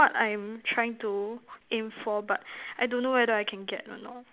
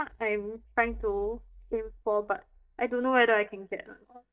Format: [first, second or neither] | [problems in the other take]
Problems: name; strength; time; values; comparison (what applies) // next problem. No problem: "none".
first | noise reduction (neural mask model DeepFilterNet 3)